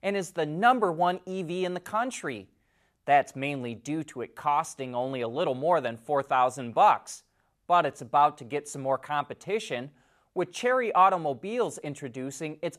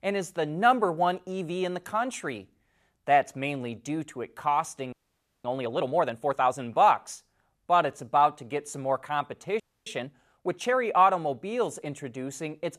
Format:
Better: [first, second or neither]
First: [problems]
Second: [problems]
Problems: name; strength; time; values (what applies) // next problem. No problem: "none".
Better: first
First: none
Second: audio freezing; at 5 s for 0.5 s and at 9.5 s